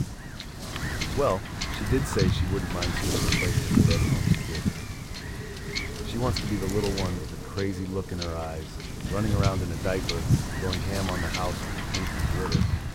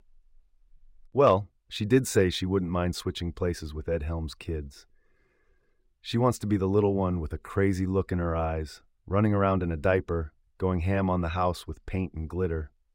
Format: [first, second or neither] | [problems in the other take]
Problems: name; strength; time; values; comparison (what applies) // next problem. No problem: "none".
second | wind noise on the microphone; heavy; 1 dB above the speech